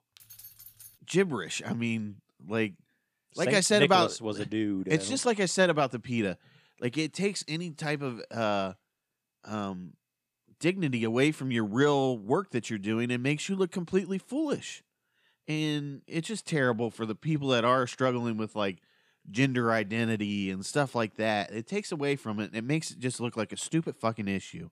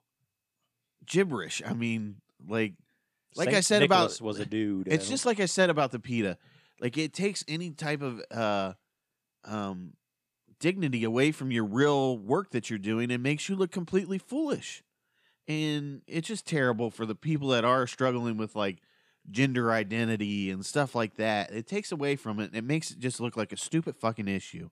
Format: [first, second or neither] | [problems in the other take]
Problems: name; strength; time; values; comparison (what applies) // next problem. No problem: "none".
second | jangling keys; faint; at the start; peak 20 dB below the speech